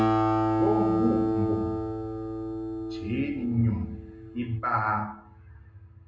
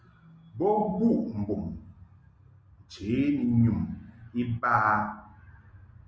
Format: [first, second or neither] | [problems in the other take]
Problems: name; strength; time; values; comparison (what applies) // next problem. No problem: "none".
second | background sound (Acoustic guitar); 2 dB above the speech // room echo; dies away in 0.2 s